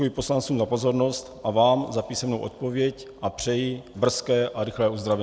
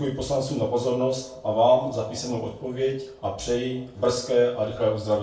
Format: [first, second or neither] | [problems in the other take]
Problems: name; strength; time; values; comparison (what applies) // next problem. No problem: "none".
first | room echo; dies away in 0.3 s